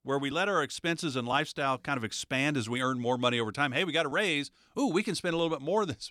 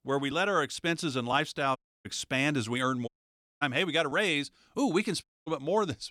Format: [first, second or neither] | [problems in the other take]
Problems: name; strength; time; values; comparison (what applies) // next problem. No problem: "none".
first | audio cutting out; at 2 s, at 3 s for 0.5 s and at 5 s